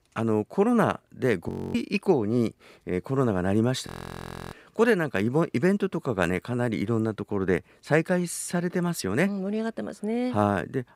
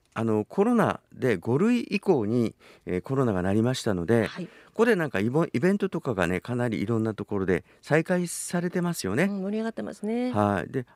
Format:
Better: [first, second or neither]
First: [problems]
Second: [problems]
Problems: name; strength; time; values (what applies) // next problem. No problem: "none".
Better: second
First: audio freezing; at 1.5 s and at 4 s for 0.5 s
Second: none